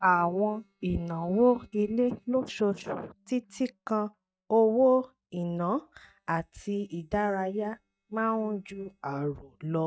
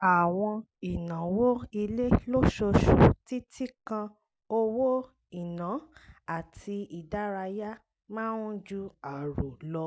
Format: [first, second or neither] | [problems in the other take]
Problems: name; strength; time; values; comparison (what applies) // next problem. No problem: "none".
second | noise reduction (neural mask model DeepFilterNet 3)